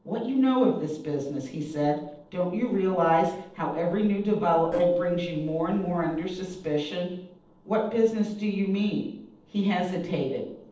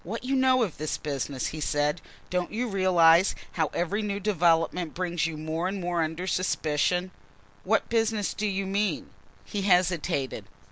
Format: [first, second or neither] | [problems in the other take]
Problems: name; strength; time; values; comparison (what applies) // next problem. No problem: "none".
second | noise reduction (neural separator model SepFormer DNS4)